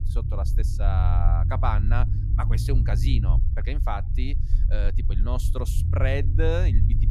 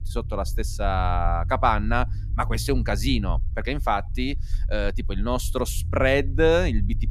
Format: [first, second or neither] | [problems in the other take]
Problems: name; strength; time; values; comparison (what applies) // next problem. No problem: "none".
second | low rumble; loud; throughout; 8 dB below the speech; faint in the second